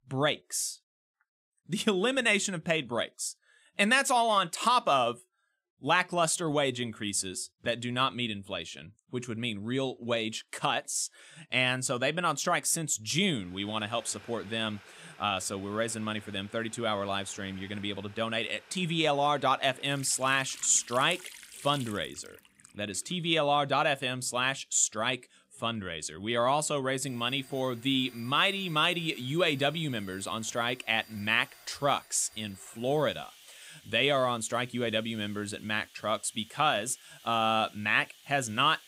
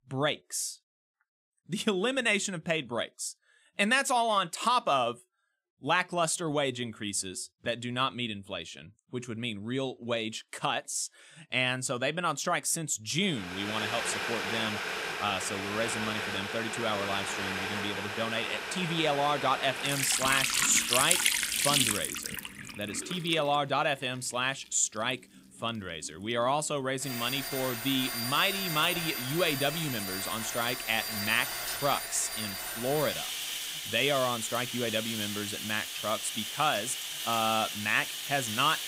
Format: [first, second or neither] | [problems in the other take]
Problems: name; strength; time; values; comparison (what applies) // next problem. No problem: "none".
first | household noises; loud; from 14 s on; 2 dB below the speech; faint in the first